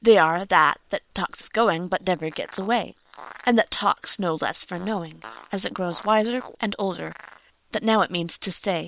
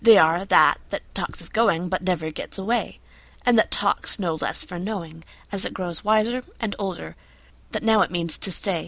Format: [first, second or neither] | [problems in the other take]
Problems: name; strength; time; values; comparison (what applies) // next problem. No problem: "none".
second | noise reduction (neural separator model SepFormer WHAM!)